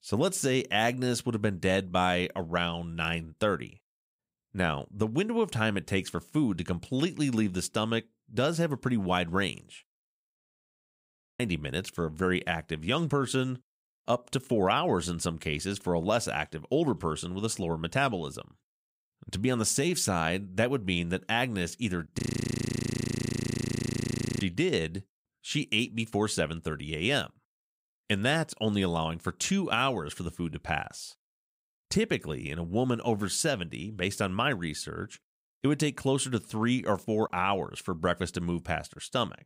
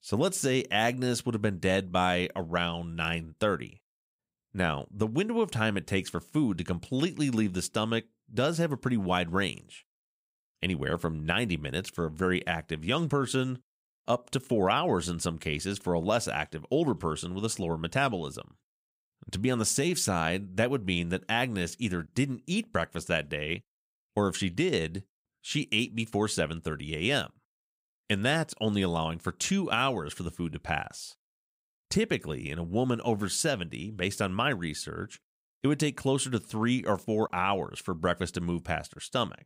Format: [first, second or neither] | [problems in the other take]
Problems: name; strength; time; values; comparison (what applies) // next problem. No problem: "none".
second | audio freezing; at 10 s for 1 s and at 22 s for 2 s